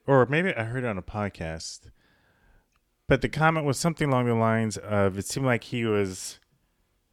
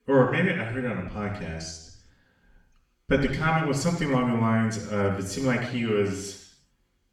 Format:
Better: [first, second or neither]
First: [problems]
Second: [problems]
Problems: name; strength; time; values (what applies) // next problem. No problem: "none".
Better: first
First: none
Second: room echo; noticeable; dies away in 0.7 s // off-mic speech; far